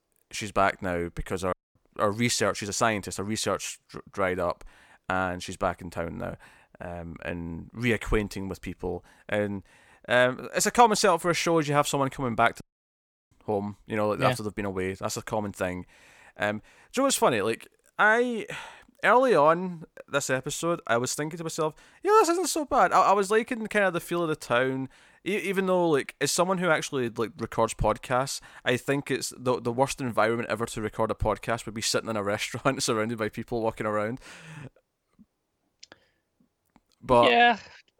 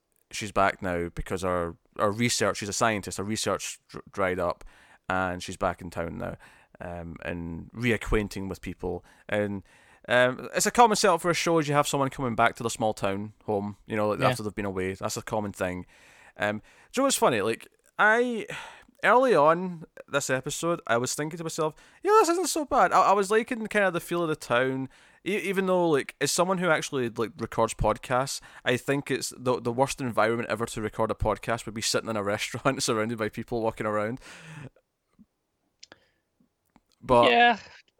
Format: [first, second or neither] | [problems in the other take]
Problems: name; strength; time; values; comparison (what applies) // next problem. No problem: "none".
second | audio cutting out; at 1.5 s and at 13 s for 0.5 s